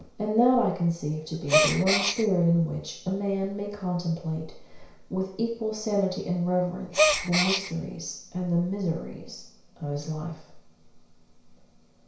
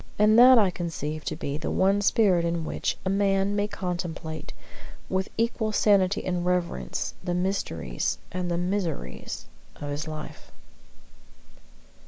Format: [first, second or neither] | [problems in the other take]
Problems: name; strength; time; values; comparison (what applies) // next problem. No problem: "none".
second | background sound (Gasp); 3 dB above the speech // room echo; dies away in 0.6 s